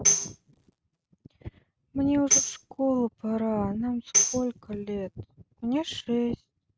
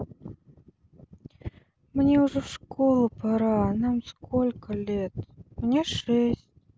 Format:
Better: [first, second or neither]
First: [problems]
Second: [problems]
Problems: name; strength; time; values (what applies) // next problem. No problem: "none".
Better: second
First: noise reduction (neural mask model RNNoise)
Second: none